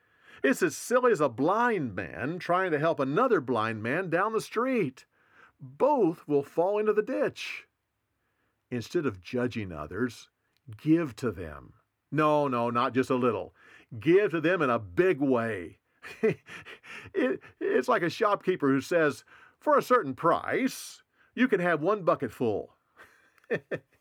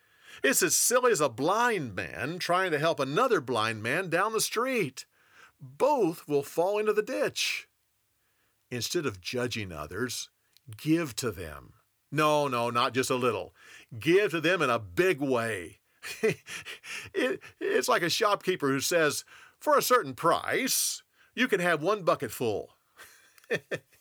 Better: second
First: muffled; slightly; fading above 3 kHz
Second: none

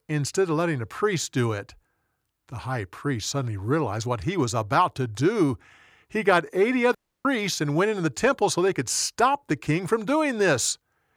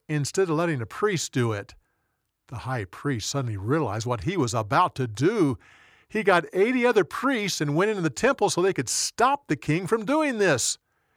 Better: second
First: audio cutting out; at 7 s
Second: none

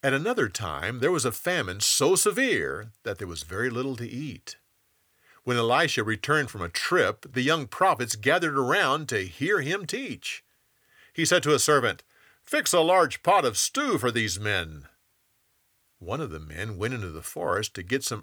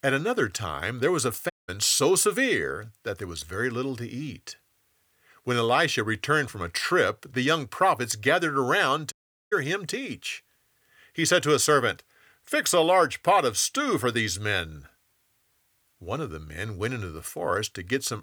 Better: first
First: none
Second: audio cutting out; at 1.5 s and at 9 s

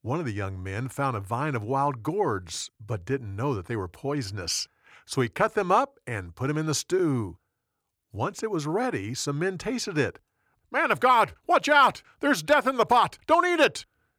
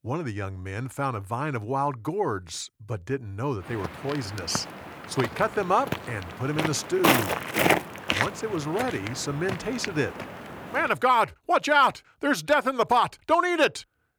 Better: first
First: none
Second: footsteps; loud; from 4 to 10 s; peak 5 dB above the speech

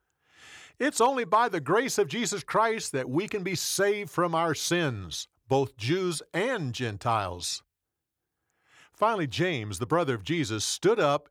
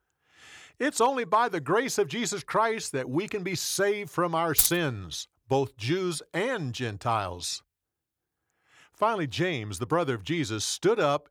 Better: first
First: none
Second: jangling keys; loud; at 4.5 s; peak 5 dB above the speech

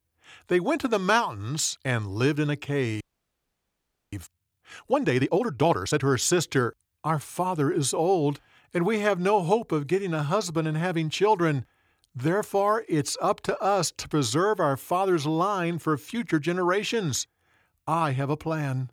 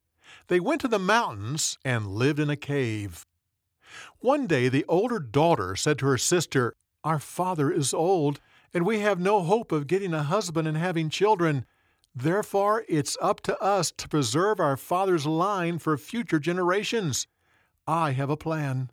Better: second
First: audio freezing; at 3 s for 1 s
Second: none

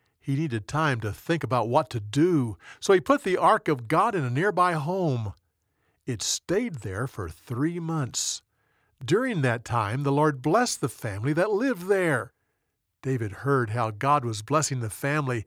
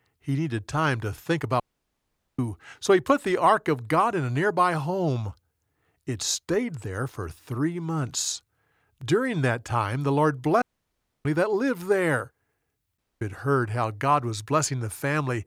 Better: first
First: none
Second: audio cutting out; at 1.5 s for 1 s, at 11 s for 0.5 s and at 13 s

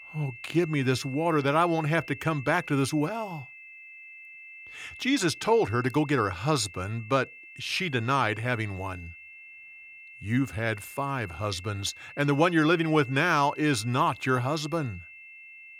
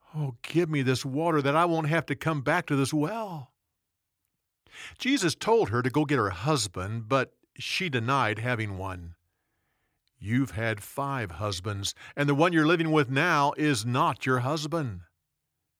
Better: second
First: high-pitched whine; noticeable; throughout; 2.5 kHz, 15 dB below the speech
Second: none

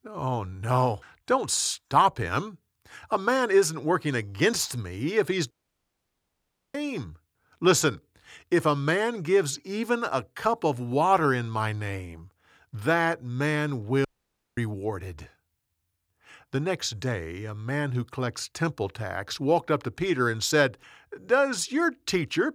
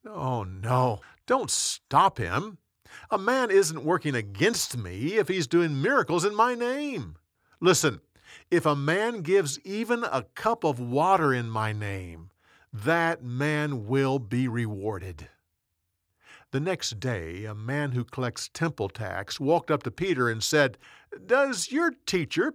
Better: second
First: audio cutting out; at 5.5 s for 1 s and at 14 s for 0.5 s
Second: none

